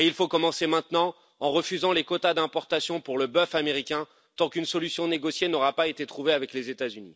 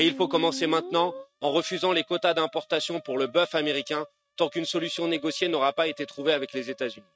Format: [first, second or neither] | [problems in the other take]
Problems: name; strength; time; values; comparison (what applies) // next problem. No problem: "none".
first | noise reduction (neural mask model RNNoise)